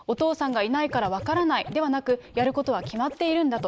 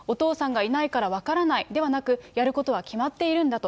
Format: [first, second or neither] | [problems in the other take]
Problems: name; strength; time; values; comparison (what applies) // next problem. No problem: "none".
second | noise reduction (neural mask model Resemble Enhance denoiser)